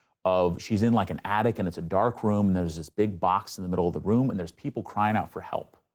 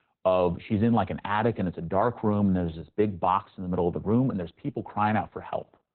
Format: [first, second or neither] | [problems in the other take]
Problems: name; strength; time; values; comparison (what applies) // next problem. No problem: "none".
first | garbled, watery; badly; nothing above 4 kHz; slightly in the first